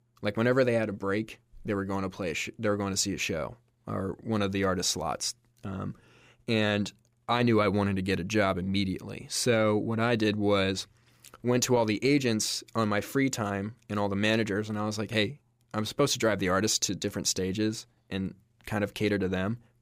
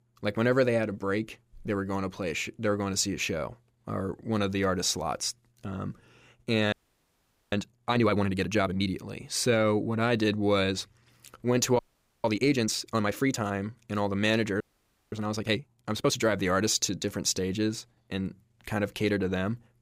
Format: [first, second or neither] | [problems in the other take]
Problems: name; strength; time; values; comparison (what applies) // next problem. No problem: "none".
first | audio freezing; at 6.5 s for 1 s, at 12 s and at 15 s for 0.5 s